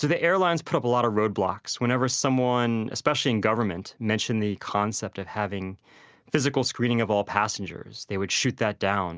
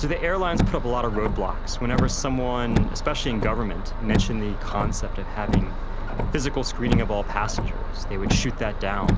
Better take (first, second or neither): first